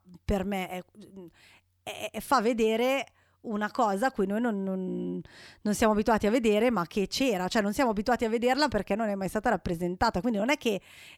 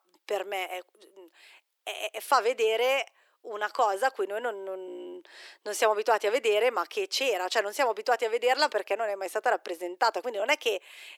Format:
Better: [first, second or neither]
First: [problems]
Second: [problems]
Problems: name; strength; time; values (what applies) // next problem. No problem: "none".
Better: first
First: none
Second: thin; very; fading below 350 Hz